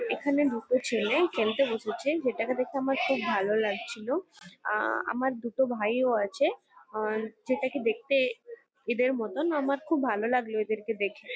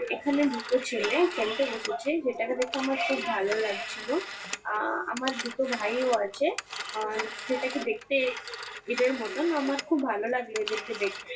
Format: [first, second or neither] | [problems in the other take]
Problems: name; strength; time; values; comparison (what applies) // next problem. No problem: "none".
first | background sound (Telephone); 10 dB below the speech // room echo; dies away in 0.2 s